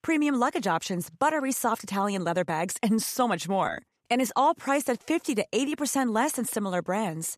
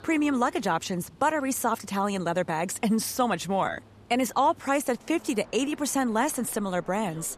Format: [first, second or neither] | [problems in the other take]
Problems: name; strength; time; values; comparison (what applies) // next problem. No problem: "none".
first | train or aircraft noise; faint; throughout; 25 dB below the speech